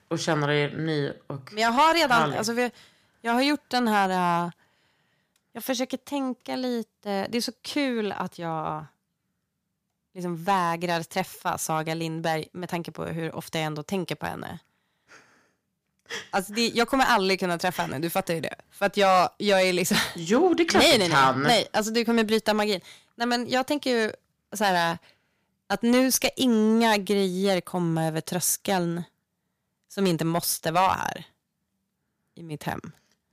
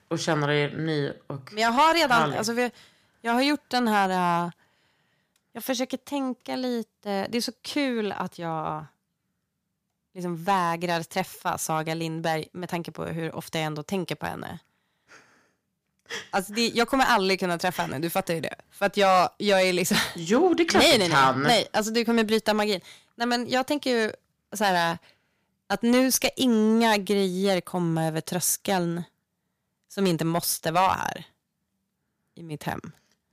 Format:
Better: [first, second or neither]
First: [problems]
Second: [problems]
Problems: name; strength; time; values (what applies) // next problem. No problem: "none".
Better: neither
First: distortion; slight; 1.9% of the sound clipped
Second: distortion; slight; 1.9% of the sound clipped